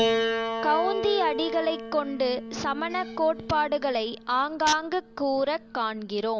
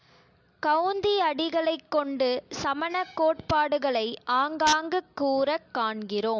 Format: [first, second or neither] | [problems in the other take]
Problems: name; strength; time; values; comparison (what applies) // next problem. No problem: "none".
second | background sound (Piano); 5 dB below the speech